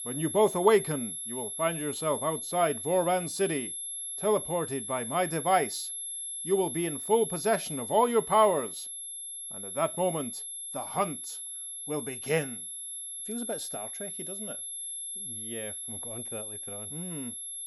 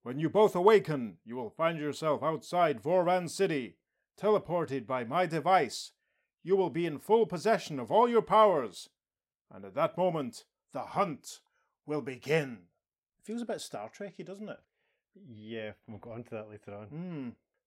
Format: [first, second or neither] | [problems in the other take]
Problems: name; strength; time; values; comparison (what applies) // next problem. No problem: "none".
second | high-pitched whine; loud; throughout; 11 kHz, 6 dB below the speech